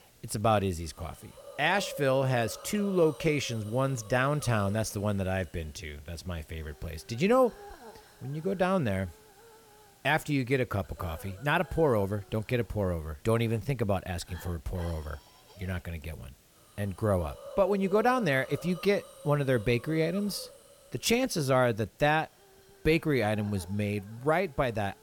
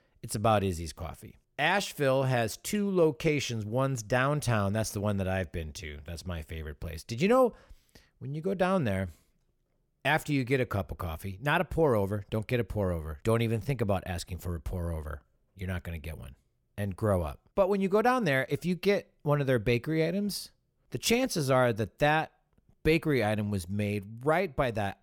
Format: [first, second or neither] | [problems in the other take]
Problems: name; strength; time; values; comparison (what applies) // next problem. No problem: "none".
second | hiss; faint; throughout; 20 dB below the speech